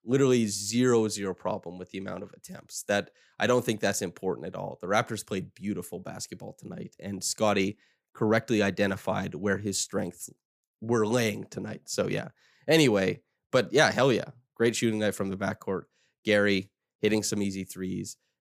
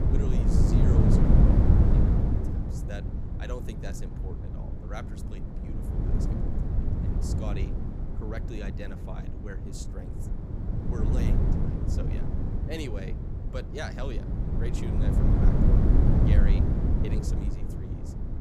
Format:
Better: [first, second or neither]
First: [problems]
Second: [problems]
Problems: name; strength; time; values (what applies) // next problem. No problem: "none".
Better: first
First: none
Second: wind noise on the microphone; heavy; 5 dB above the speech